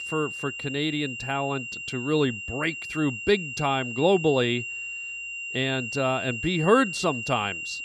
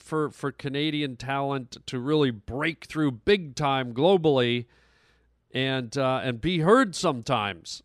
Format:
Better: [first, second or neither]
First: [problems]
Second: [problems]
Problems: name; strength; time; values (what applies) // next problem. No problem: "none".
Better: second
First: high-pitched whine; loud; throughout; 3 kHz, 6 dB below the speech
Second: none